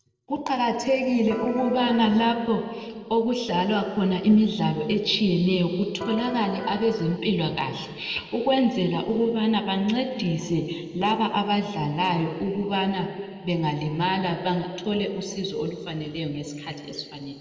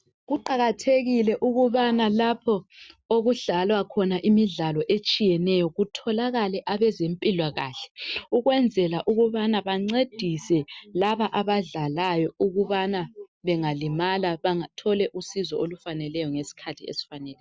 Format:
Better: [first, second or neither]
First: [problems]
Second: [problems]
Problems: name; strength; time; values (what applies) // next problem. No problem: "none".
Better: second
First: noise reduction (neural separator model SepFormer DNS4)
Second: none